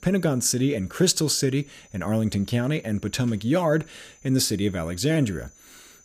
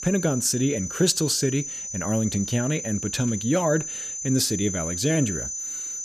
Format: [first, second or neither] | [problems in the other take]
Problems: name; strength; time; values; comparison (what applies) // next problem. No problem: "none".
first | high-pitched whine; loud; throughout; 6 kHz, 6 dB below the speech; faint in the first